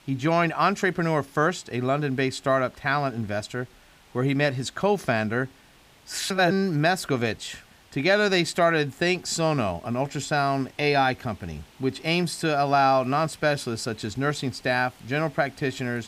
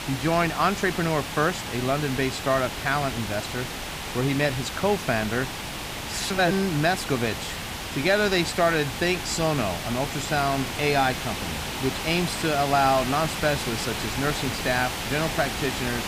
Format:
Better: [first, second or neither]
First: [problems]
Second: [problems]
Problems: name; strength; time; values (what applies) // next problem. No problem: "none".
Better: first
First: hiss; faint; throughout; 30 dB below the speech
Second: hiss; loud; throughout; 5 dB below the speech